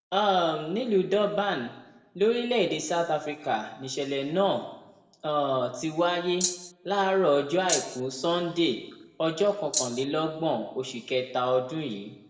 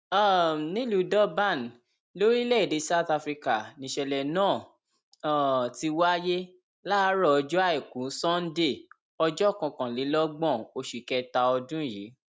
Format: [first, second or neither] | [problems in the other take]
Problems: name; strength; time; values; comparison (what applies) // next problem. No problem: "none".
second | background sound (Rattle (instrument)); 2 dB below the speech // room echo; dies away in 0.8 s